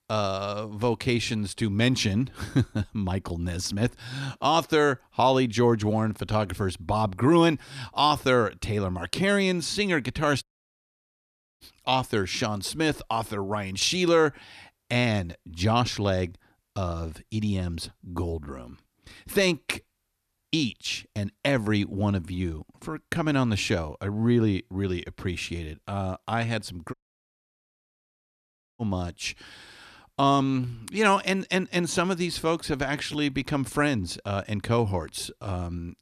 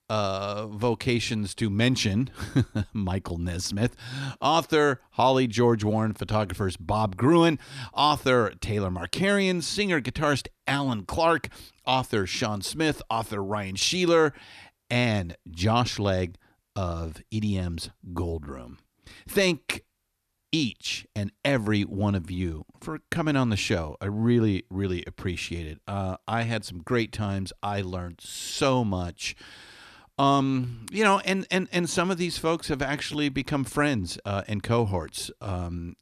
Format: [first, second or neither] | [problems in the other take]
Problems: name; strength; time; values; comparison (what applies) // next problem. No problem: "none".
second | audio cutting out; at 10 s for 1 s and at 27 s for 2 s